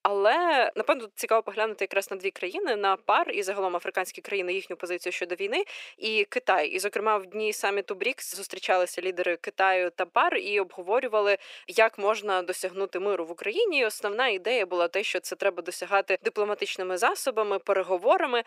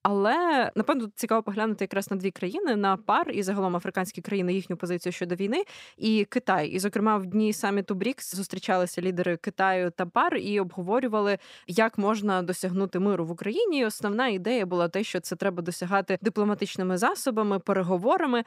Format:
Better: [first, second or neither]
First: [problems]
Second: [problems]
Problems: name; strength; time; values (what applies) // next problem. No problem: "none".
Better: second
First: thin; very; fading below 400 Hz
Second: none